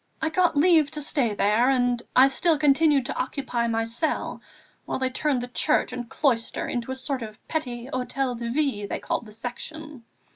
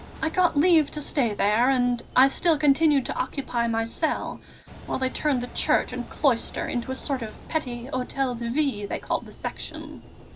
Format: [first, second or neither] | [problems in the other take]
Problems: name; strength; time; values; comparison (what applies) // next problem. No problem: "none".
first | background sound (Engine); 18 dB below the speech